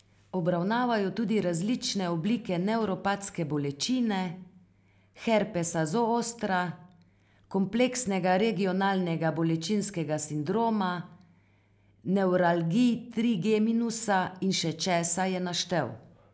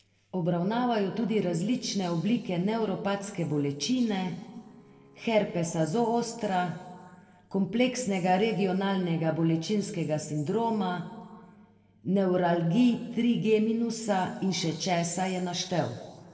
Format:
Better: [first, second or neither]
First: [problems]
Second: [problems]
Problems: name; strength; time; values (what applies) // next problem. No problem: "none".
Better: first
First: none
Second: noise reduction (neural separator model SepFormer DNS4)